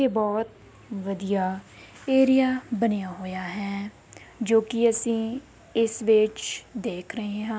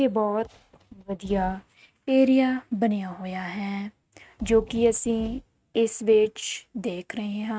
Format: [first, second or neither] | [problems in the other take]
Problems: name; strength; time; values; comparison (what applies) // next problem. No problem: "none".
first | noise reduction (neural mask model RNNoise)